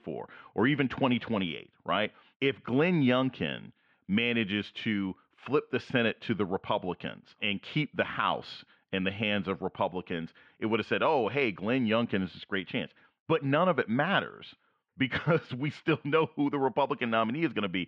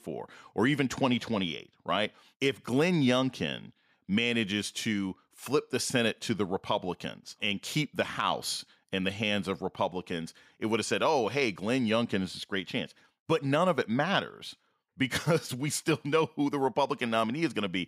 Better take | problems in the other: second | muffled; very; fading above 3 kHz

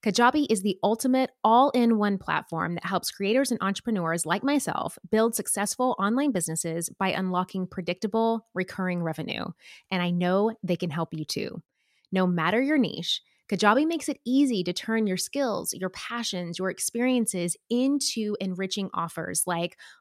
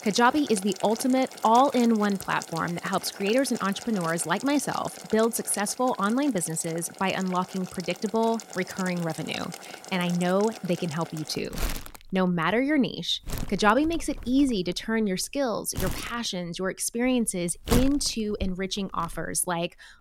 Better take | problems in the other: first | household noises; noticeable; throughout; 10 dB below the speech

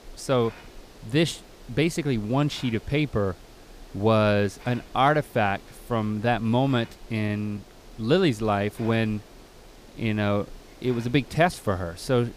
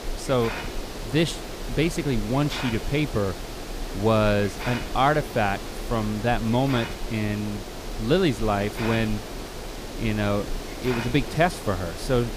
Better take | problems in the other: first | hiss; loud; throughout; 9 dB below the speech; faint in the first

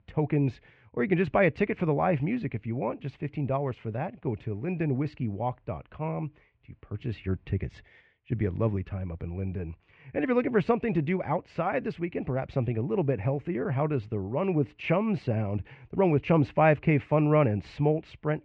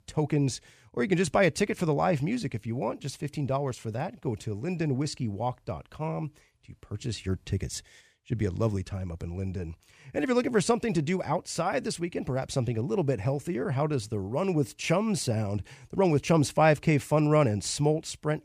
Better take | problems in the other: second | muffled; very; fading above 2.5 kHz

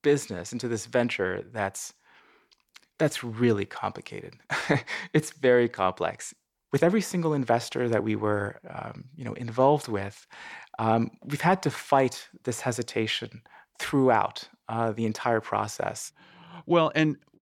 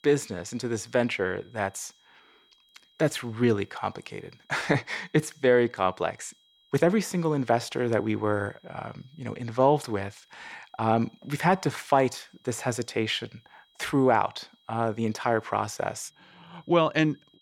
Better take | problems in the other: first | high-pitched whine; faint; throughout; 3.5 kHz, 35 dB below the speech

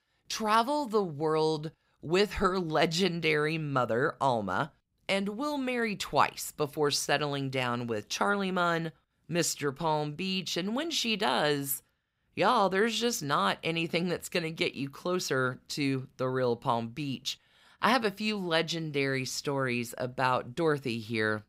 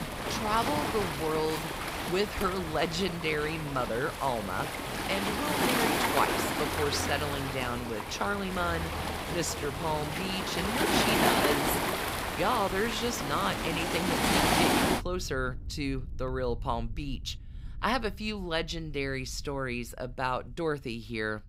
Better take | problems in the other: first | rain or running water; very loud; throughout; 2 dB above the speech

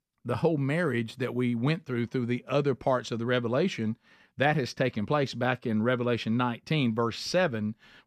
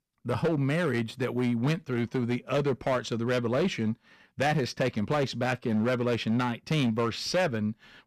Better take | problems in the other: first | distortion; slight; 9% of the sound clipped

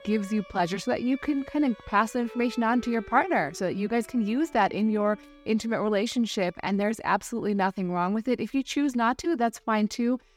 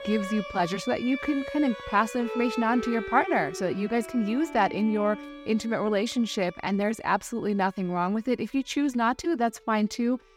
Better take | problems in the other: first | background music; loud; throughout; 10 dB below the speech; faint in the first

